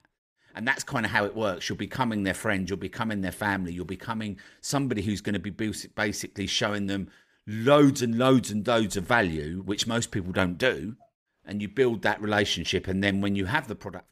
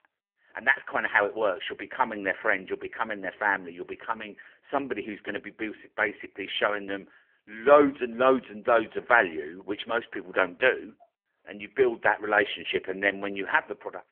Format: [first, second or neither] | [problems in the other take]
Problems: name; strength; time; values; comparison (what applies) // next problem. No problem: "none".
first | phone-call audio; poor line; nothing above 3.5 kHz